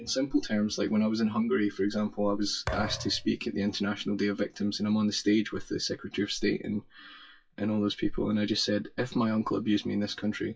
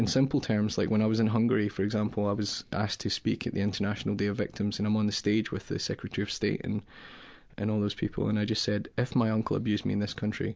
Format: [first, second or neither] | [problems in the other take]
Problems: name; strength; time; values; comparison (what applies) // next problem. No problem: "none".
second | noise reduction (classical method WPE with log-MMSE)